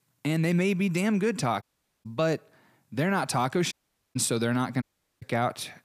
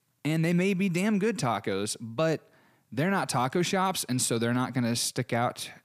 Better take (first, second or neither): second